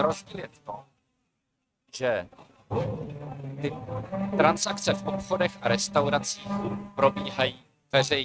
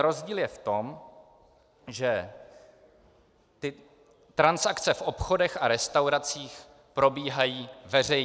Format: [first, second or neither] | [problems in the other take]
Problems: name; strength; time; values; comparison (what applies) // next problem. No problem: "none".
second | noise reduction (neural mask model RNNoise)